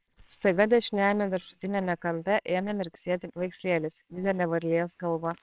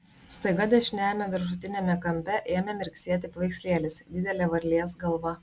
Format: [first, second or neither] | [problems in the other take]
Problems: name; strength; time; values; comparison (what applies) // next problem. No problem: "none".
second | noise reduction (neural separator model SepFormer WHAMR!)